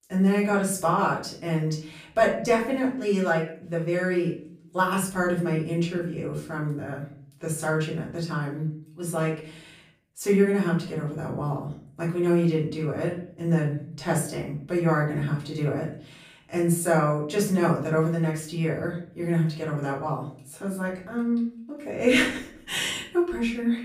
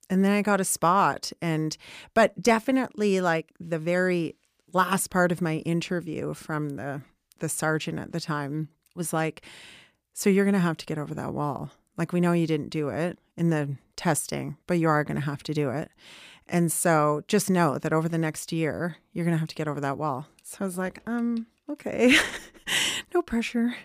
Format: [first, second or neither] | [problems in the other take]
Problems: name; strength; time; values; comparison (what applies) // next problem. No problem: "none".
second | off-mic speech; far // room echo; slight; dies away in 0.5 s